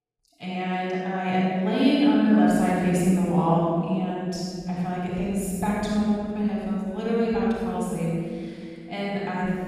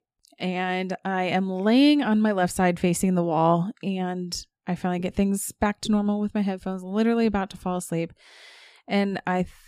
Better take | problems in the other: second | off-mic speech; far // room echo; strong; dies away in 2.4 s

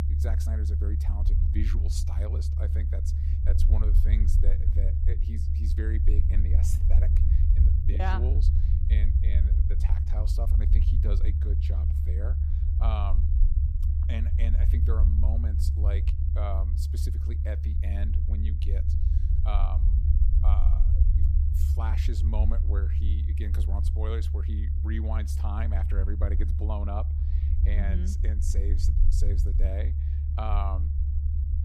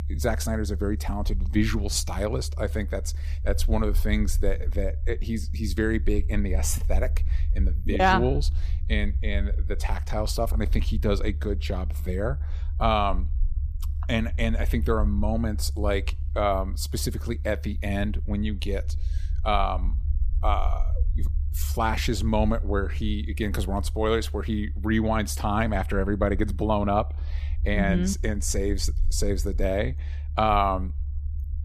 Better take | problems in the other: second | low rumble; loud; throughout; 3 dB below the speech; faint in the second

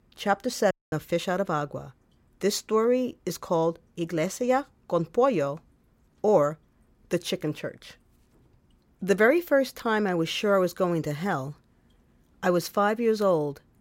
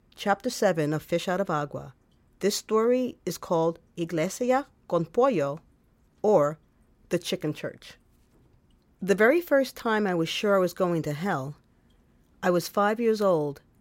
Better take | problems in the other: second | audio cutting out; at 0.5 s

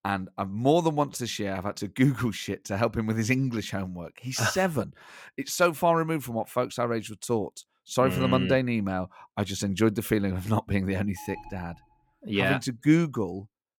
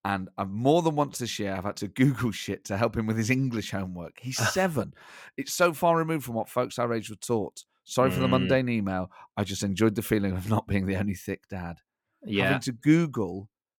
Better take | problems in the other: second | alarm; faint; at 11 s; peak 15 dB below the speech

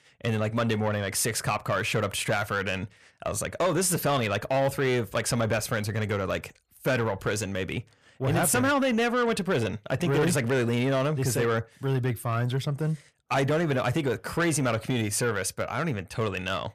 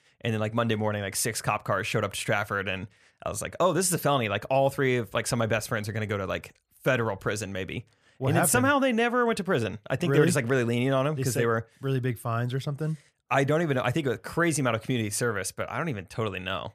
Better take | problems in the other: second | distortion; slight; 10 dB below the speech

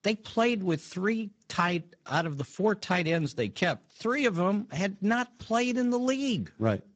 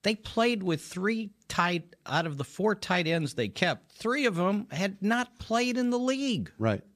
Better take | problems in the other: second | garbled, watery; badly; nothing above 7.5 kHz

